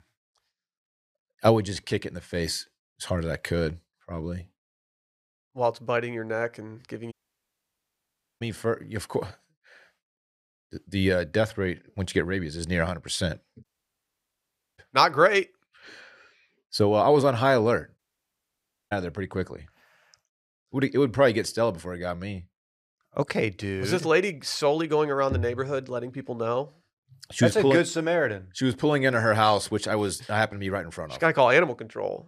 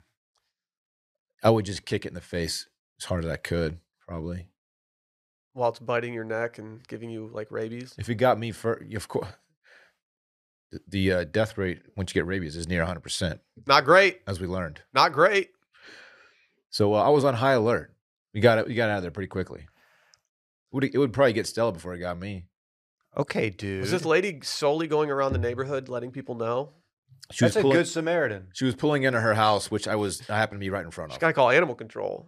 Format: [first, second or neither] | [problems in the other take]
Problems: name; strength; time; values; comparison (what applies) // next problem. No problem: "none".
second | audio cutting out; at 7 s for 1.5 s, at 14 s for 1 s and at 18 s for 1 s